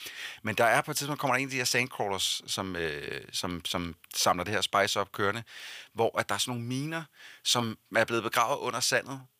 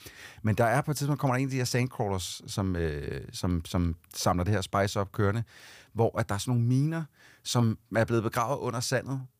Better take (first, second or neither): second